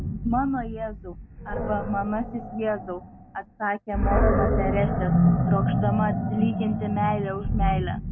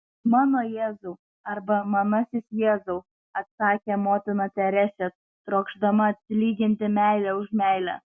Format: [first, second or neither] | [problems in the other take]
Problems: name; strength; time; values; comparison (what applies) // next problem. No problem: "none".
second | background sound (Animal); 3 dB above the speech